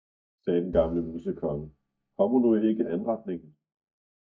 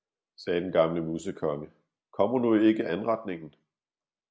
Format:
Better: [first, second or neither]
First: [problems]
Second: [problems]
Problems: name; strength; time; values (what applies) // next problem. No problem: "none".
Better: second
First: noise reduction (neural mask model DeepFilterNet 3)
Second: none